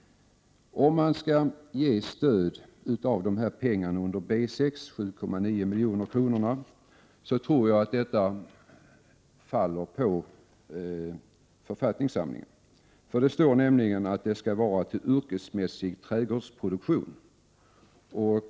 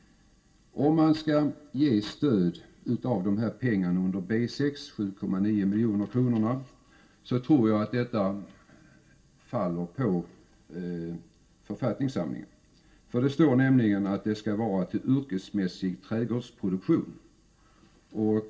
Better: first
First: none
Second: room echo; dies away in 0.2 s

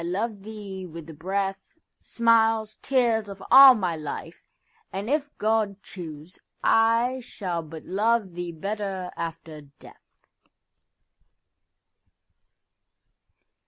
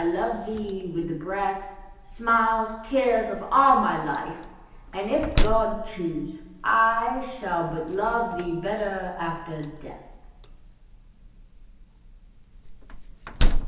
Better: first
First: none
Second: background sound (Slam); 3 dB below the speech // room echo; dies away in 0.9 s

